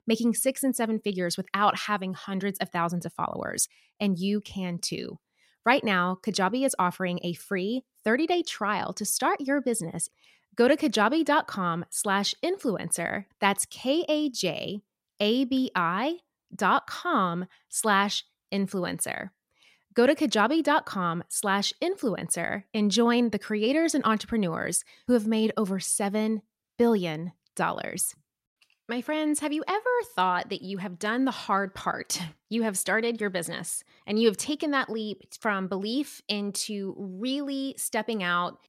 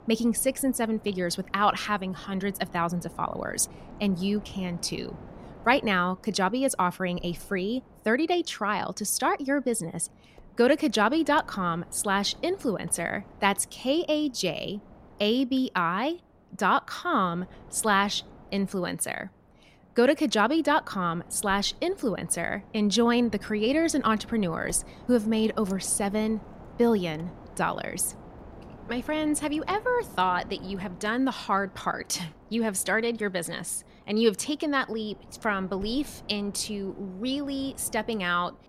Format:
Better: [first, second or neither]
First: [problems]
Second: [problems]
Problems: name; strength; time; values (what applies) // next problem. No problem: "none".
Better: first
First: none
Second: wind noise on the microphone; occasional gusts; 25 dB below the speech